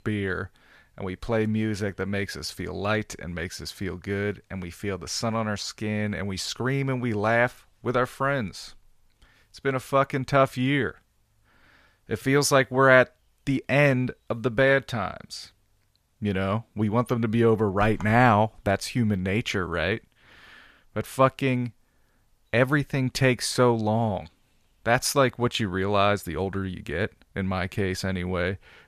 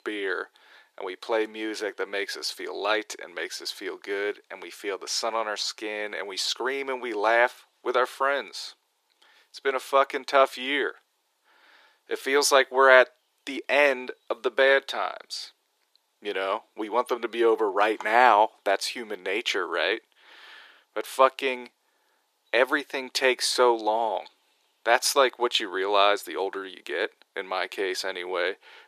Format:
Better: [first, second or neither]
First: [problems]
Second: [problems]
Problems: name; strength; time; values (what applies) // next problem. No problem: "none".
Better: first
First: none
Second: thin; very; fading below 350 Hz